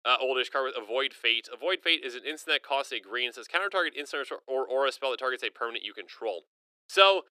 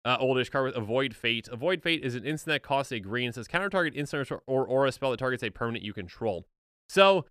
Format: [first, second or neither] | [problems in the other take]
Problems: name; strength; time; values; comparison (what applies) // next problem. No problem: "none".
second | thin; very; fading below 350 Hz